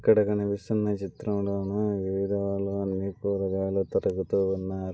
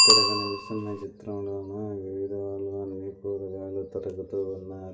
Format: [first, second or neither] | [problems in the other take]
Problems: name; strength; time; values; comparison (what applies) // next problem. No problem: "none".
first | background sound (Bicycle bell); 4 dB above the speech // room echo; dies away in 2.6 s